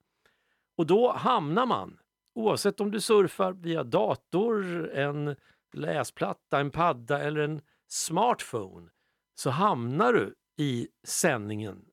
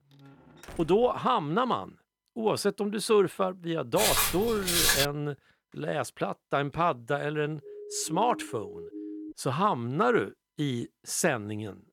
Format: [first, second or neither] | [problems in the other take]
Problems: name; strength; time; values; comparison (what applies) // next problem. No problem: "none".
first | door banging; faint; until 1 s; peak 20 dB below the speech // footsteps; loud; from 4 to 5 s; peak 6 dB above the speech // siren; faint; from 7.5 to 9.5 s; peak 10 dB below the speech